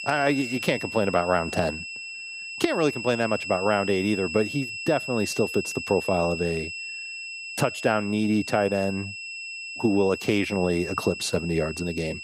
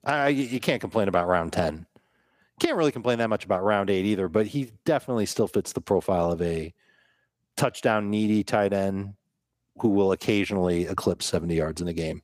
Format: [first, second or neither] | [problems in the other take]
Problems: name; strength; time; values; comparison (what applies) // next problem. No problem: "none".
second | high-pitched whine; loud; throughout; 2.5 kHz, 7 dB below the speech